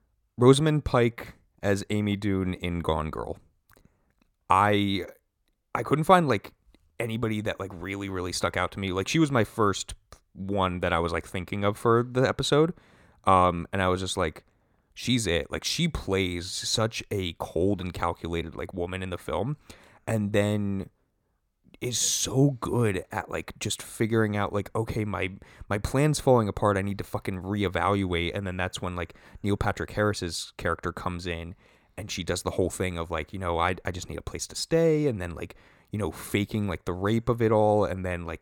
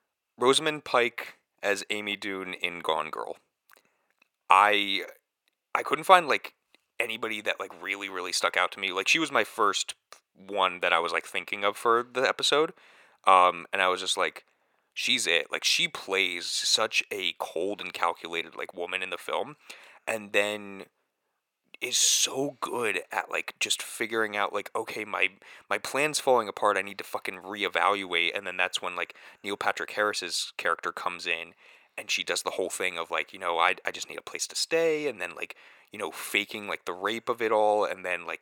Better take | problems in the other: first | thin; very; fading below 550 Hz

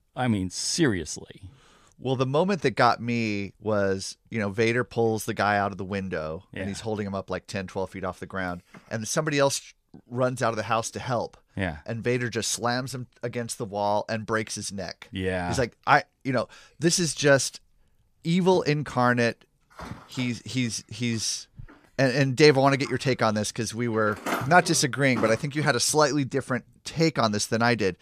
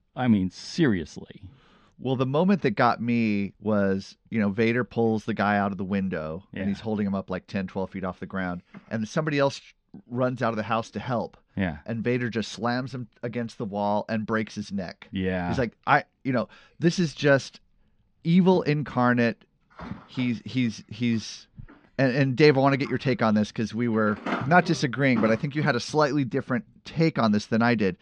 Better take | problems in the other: first | muffled; very slightly; fading above 4 kHz

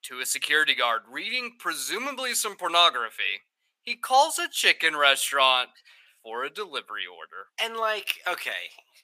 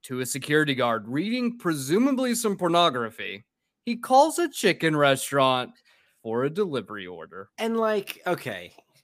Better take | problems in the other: second | thin; very; fading below 900 Hz

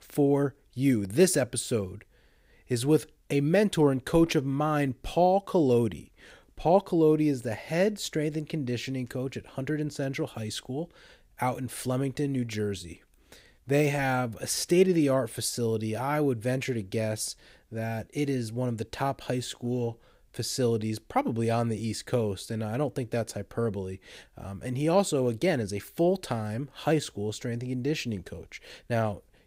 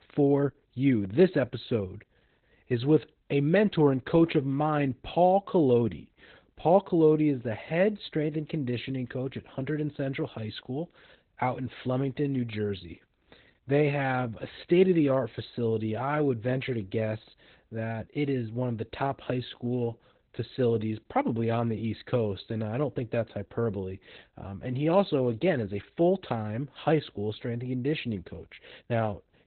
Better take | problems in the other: first | garbled, watery; badly; nothing above 4 kHz

